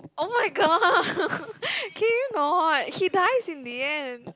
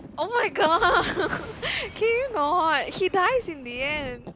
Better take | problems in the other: first | background sound (Thunder); 18 dB below the speech

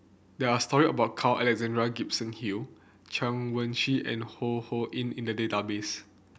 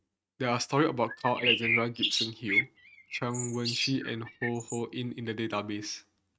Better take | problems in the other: first | noise reduction (neural mask model RNNoise)

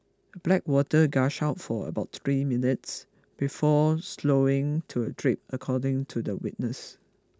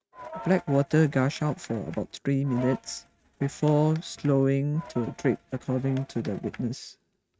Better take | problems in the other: first | noise reduction (neural mask model RNNoise)

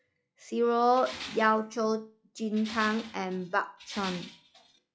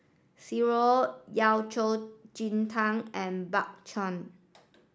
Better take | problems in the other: second | noise reduction (classical method log-MMSE)

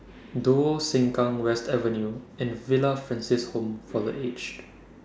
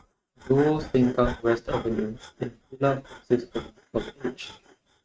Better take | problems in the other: first | noise reduction (neural mask model RNNoise)

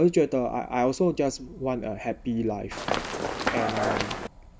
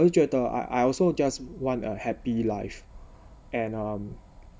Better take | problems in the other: second | background sound (Run); 1 dB below the speech

